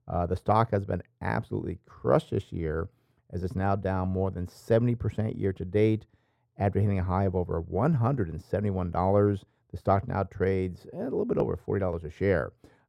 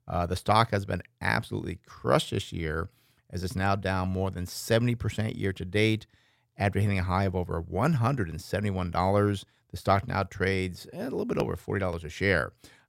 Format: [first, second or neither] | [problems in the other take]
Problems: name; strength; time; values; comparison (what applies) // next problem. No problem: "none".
second | muffled; slightly; fading above 1.5 kHz